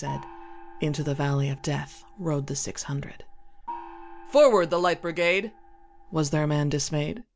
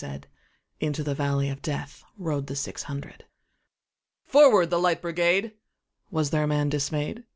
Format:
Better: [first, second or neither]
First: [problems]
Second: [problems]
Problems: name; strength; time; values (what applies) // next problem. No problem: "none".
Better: second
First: background sound (Gong); 16 dB below the speech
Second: none